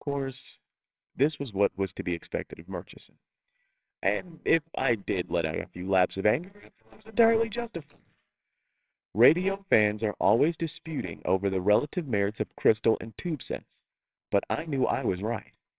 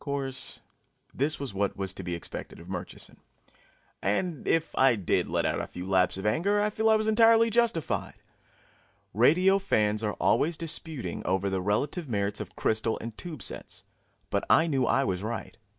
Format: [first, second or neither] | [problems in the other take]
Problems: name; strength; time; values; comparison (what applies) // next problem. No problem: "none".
second | noise reduction (neural separator model SepFormer WHAMR!)